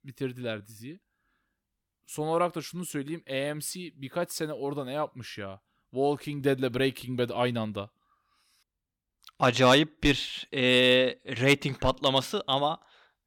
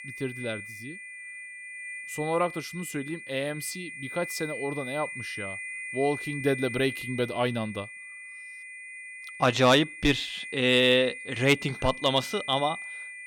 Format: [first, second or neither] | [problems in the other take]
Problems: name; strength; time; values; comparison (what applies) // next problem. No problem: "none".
first | high-pitched whine; noticeable; throughout; 2 kHz, 10 dB below the speech